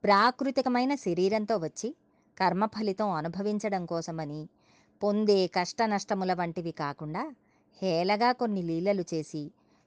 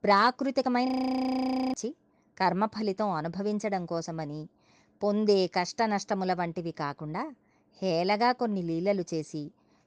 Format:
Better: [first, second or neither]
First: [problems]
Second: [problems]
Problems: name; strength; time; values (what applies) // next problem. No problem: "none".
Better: first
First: none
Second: audio freezing; at 1 s for 1 s